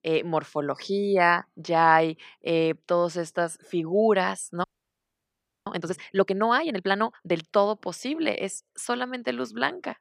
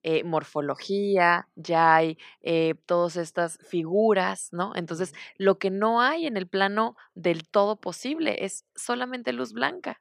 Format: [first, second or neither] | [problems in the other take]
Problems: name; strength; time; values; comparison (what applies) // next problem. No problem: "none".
second | audio freezing; at 4.5 s for 1 s